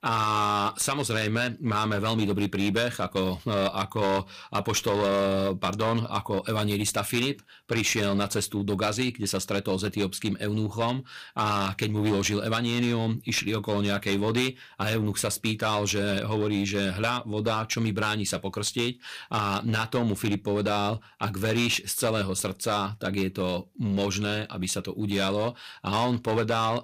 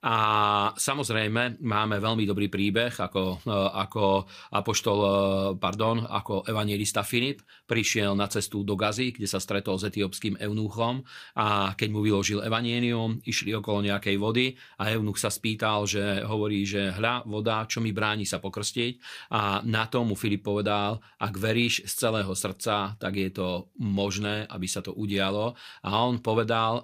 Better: second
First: distortion; slight; 7% of the sound clipped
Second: none

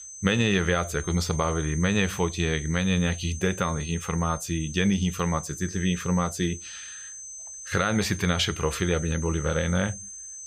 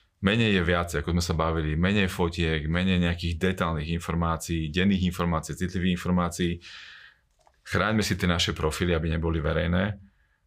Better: second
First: high-pitched whine; noticeable; throughout; 6.5 kHz, 10 dB below the speech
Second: none

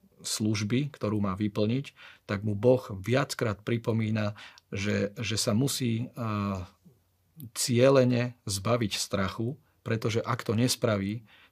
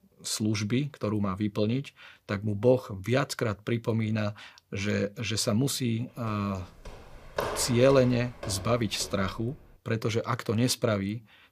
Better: first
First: none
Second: footsteps; noticeable; from 6.5 to 9.5 s; peak 4 dB below the speech

